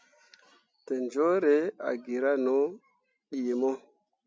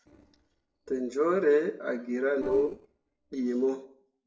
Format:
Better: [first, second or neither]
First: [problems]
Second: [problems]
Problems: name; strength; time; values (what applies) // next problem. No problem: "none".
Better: first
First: none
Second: noise reduction (neural separator model SepFormer DNS4)